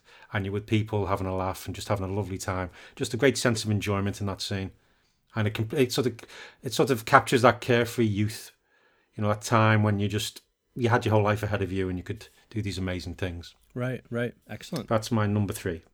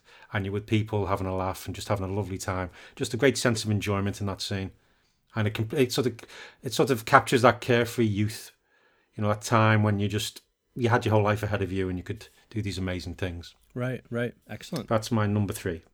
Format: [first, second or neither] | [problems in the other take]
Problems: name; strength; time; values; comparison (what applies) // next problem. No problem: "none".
neither | none